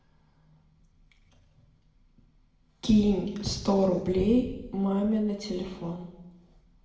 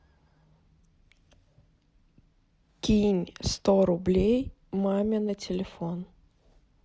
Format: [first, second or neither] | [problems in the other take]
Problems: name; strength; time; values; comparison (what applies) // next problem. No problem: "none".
second | room echo; dies away in 0.8 s